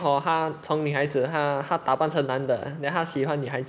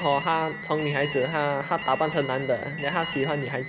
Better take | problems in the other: first | background sound (Alarm); 9 dB below the speech

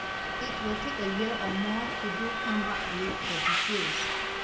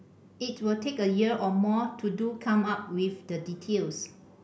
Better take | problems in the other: second | background sound (Subway, metro, underground); 3 dB above the speech

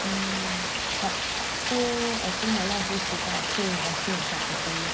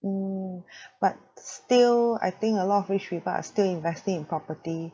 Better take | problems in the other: second | background sound (Rain); 3 dB above the speech // room echo; dies away in 0.5 s

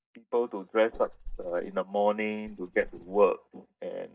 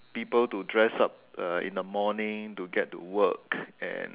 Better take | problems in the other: second | noise reduction (neural mask model DeepFilterNet 3)

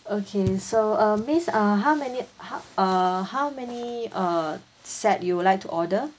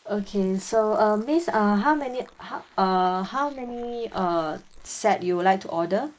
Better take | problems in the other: first | noise reduction (neural mask model Resemble Enhance denoiser)

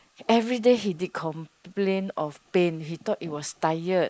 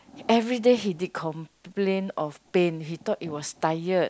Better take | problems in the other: second | noise reduction (neural mask model Resemble Enhance denoiser)

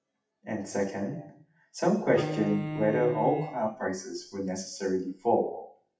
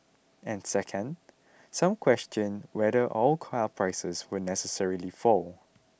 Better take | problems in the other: second | noise reduction (classical method WPE with log-MMSE)

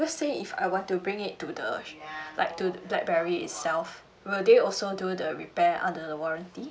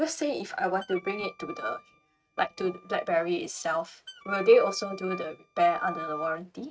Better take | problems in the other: first | noise reduction (neural mask model RNNoise)

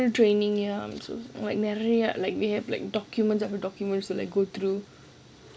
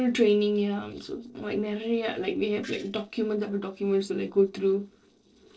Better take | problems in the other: first | noise reduction (neural separator model SepFormer DNS4)

